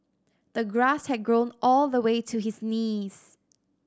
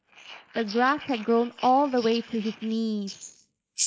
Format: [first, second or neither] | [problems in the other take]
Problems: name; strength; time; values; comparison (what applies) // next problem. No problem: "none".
first | noise reduction (neural mask model Resemble Enhance denoiser)